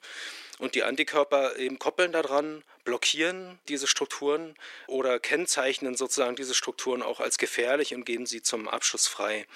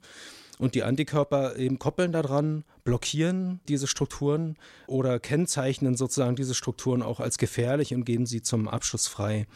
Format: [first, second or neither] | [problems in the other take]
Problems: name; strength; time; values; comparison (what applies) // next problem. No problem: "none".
second | thin; very; fading below 350 Hz